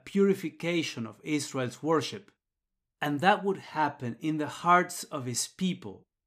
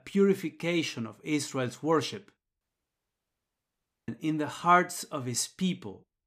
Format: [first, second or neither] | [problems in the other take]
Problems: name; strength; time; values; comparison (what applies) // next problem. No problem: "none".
first | audio cutting out; at 2.5 s for 1.5 s